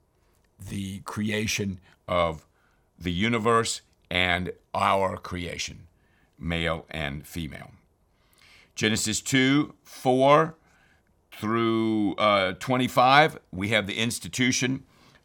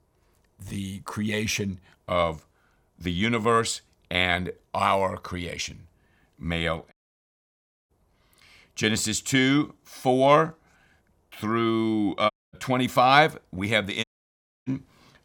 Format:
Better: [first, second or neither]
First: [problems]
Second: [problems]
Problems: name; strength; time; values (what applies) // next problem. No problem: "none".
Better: first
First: none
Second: audio cutting out; at 7 s for 1 s, at 12 s and at 14 s for 0.5 s